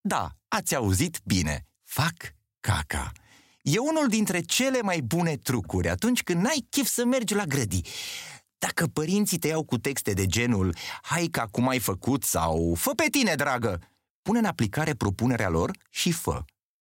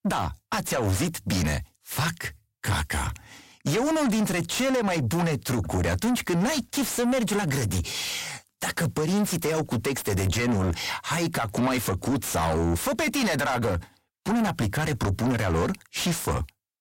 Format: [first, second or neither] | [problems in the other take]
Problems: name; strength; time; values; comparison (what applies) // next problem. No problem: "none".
first | distortion; heavy; 6 dB below the speech